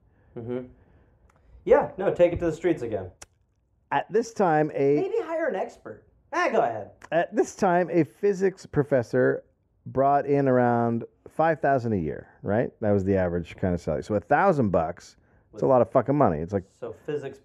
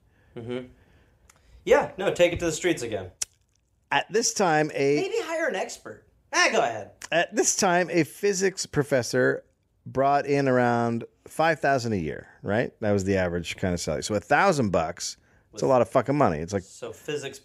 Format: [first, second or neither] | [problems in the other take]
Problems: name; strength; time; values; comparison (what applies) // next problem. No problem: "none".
second | muffled; very; fading above 2 kHz